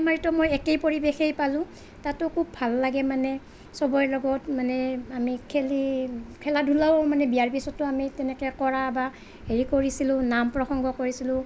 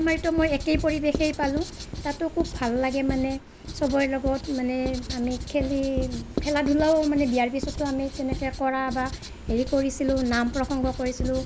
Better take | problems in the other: first | background sound (Writing); 8 dB below the speech

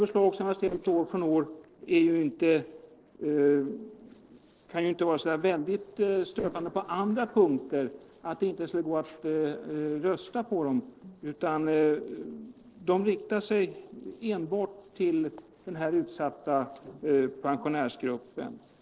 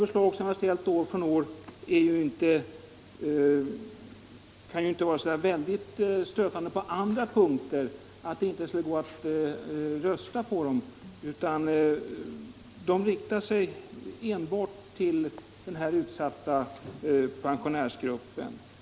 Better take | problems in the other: second | noise reduction (neural separator model SepFormer DNS4)

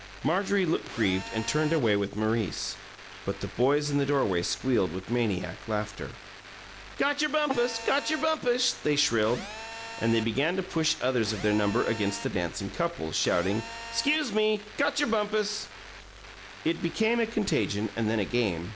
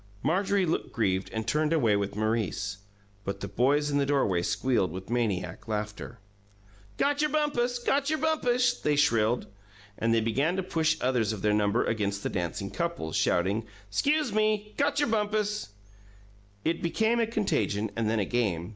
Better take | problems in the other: second | background sound (Telephone); 14 dB below the speech

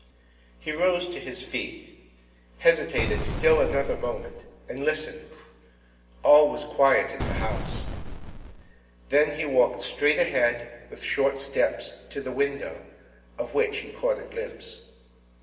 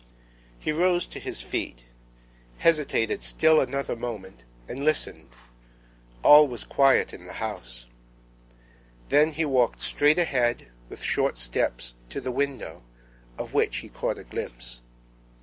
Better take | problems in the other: second | background sound (Boom); 4 dB below the speech // room echo; dies away in 1.2 s

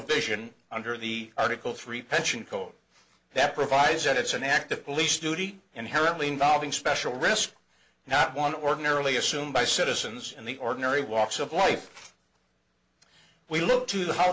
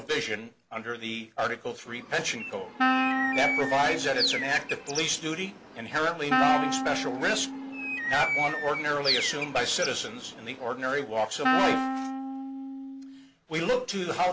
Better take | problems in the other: first | background sound (Bird + Wind instrument, woodwind instrument); 1 dB below the speech

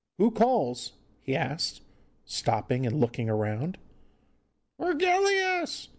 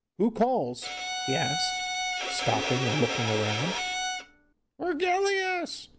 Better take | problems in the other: first | background sound (Bowed string instrument); 1 dB below the speech

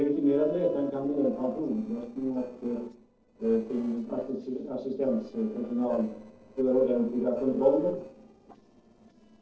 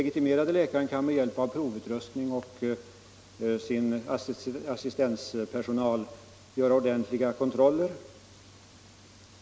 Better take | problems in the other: second | noise reduction (neural separator model SepFormer DNS4)

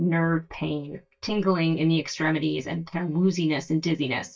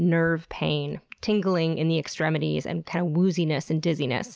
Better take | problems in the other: second | noise reduction (neural mask model DeepFilterNet 3)

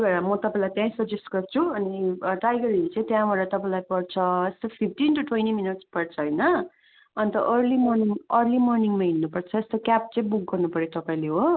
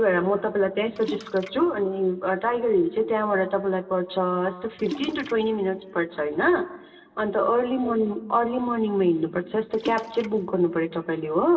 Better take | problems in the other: first | background sound (Splash, splatter); 16 dB below the speech // room echo; dies away in 2.9 s

